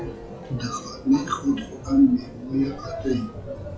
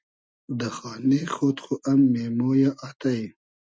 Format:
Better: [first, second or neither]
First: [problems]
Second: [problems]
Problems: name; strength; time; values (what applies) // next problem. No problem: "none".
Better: second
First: noise reduction (classical method WPE with log-MMSE)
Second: none